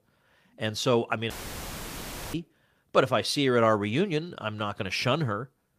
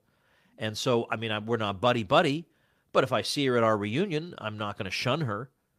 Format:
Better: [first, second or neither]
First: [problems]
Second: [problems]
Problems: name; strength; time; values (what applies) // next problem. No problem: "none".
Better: second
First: audio cutting out; filled with static; at 1.5 s for 1 s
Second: none